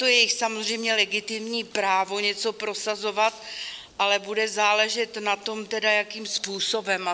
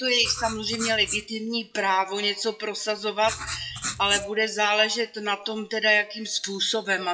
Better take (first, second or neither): first